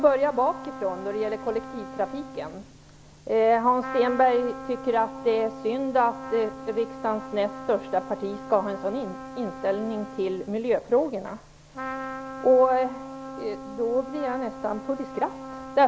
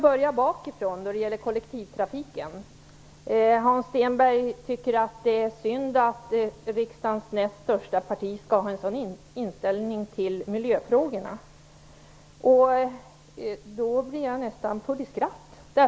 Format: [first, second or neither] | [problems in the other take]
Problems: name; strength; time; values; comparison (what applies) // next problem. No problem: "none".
second | background sound (Trumpet); 12 dB below the speech